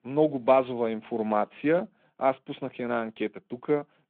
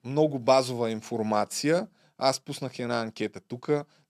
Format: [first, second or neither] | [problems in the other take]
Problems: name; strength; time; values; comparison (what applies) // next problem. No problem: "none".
second | phone-call audio; nothing above 3.5 kHz